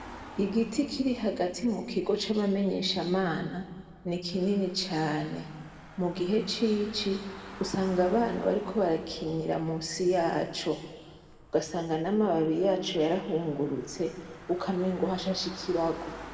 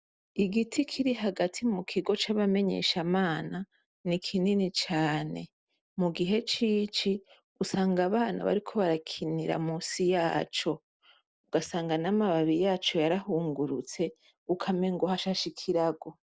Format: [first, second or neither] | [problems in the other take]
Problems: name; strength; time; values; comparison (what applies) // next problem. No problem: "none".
second | background sound (Engine / Car); 19 dB below the speech // room echo; dies away in 1.3 s